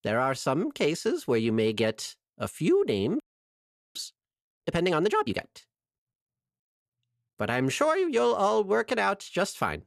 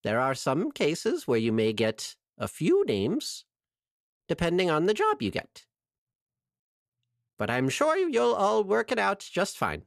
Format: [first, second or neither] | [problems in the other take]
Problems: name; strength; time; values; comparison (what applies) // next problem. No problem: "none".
second | audio freezing; at 3 s for 1 s